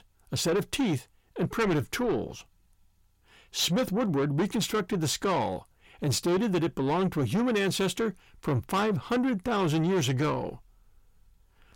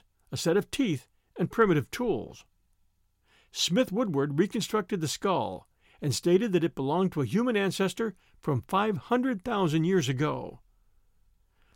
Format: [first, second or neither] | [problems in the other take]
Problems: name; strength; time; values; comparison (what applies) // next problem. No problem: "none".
second | distortion; heavy; 8 dB below the speech